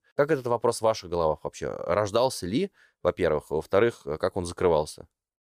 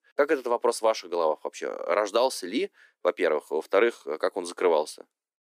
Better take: first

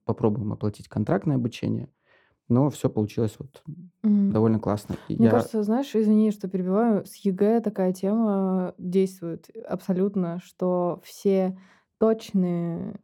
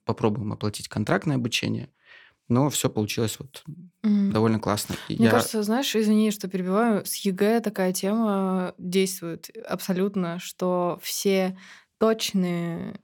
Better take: second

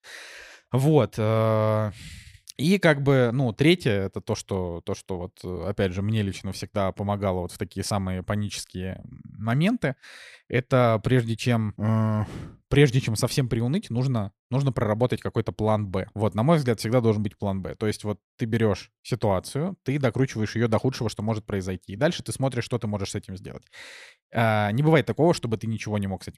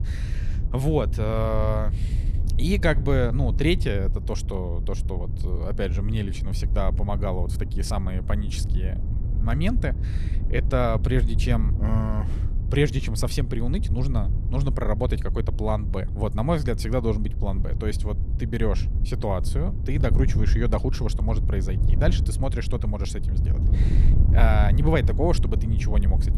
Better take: first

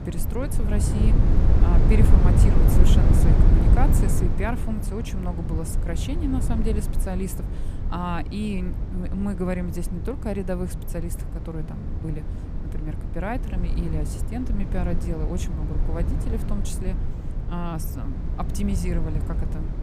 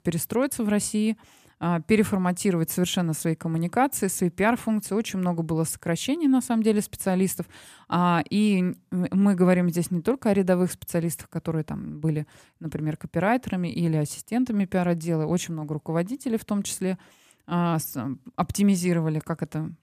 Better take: second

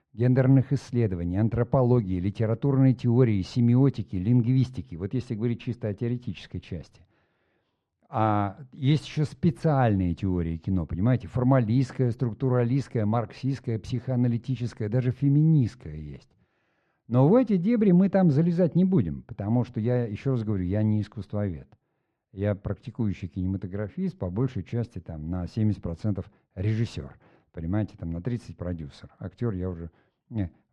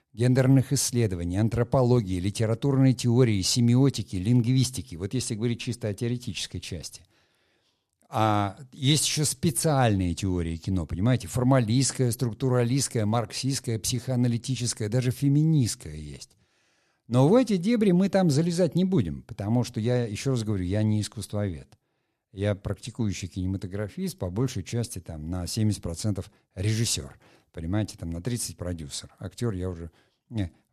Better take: second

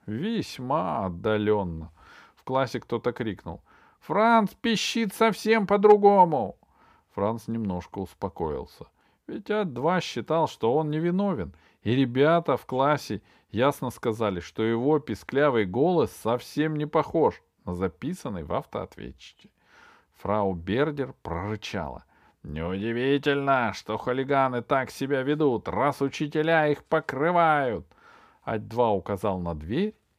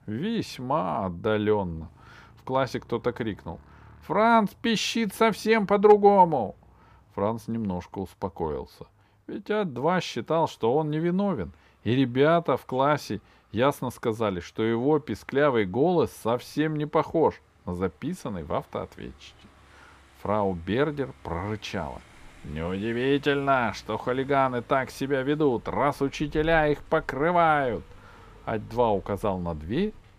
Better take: first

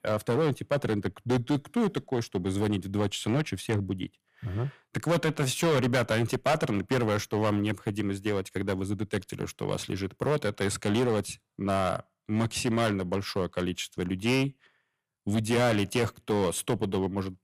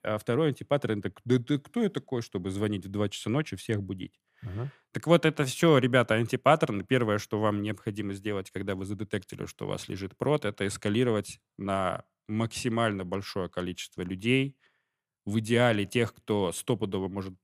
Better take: second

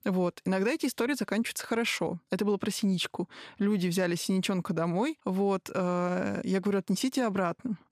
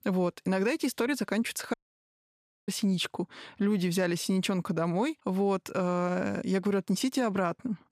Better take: first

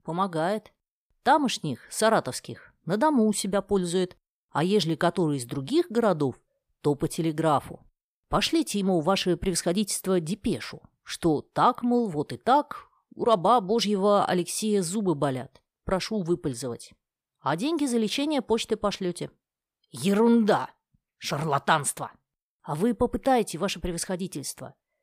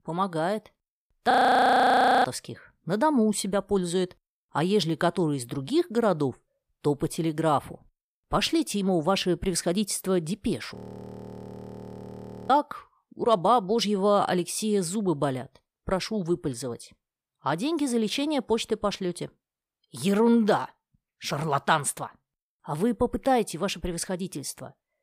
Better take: first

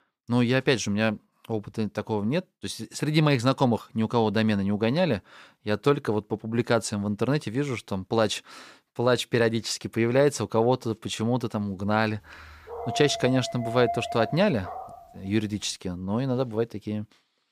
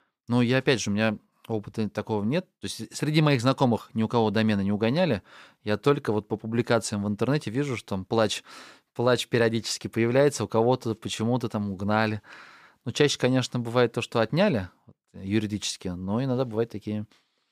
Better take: second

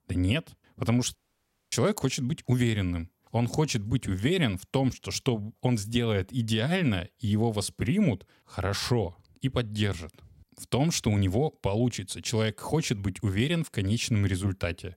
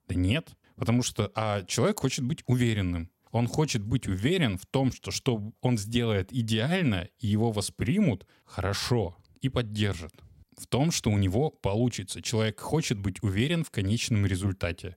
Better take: second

